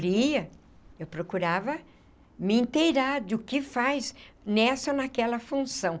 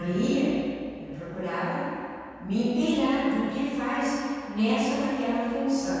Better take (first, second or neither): first